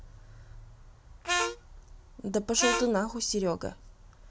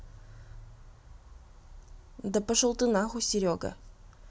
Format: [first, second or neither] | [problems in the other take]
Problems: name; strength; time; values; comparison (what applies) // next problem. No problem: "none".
second | background sound (Harmonica); 1 dB above the speech